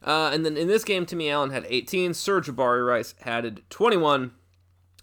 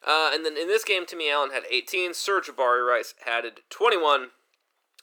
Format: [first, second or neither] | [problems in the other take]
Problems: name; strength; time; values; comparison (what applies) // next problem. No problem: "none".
first | thin; very; fading below 400 Hz